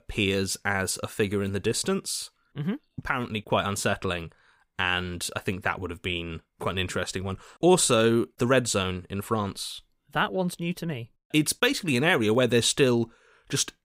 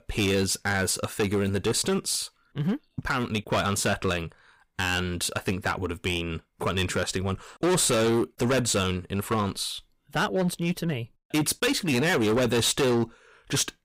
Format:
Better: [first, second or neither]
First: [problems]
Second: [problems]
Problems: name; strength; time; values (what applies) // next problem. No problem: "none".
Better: first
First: none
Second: distortion; heavy; 12% of the sound clipped